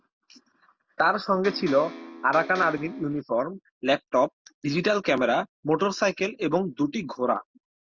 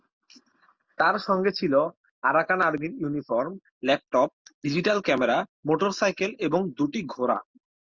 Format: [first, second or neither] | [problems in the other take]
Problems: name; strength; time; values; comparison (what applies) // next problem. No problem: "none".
second | background sound (Electric guitar); 13 dB below the speech